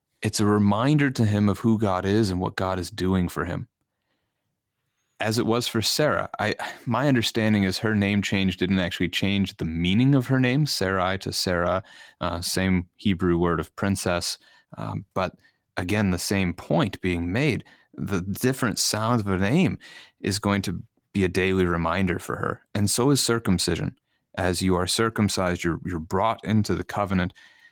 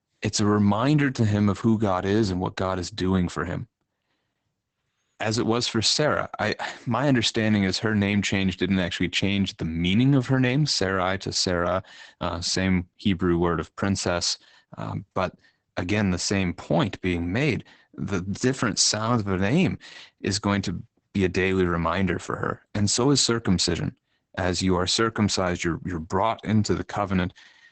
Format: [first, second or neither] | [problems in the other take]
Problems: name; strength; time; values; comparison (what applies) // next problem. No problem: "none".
first | garbled, watery; badly; nothing above 8 kHz; slightly in the first